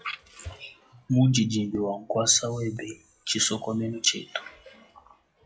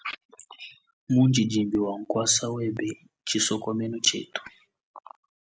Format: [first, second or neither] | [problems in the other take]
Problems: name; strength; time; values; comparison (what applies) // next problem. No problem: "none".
second | noise reduction (classical method WPE with log-MMSE)